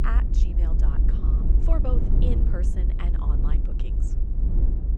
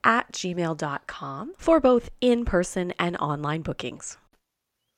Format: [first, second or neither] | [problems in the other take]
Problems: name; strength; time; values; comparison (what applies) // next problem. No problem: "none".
second | low rumble; loud; throughout; 1 dB below the speech